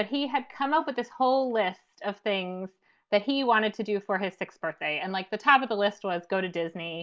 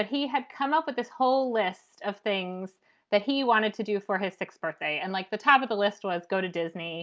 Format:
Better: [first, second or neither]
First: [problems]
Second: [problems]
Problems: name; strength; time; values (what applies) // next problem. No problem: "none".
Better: second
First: noise reduction (neural mask model Resemble Enhance denoiser)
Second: none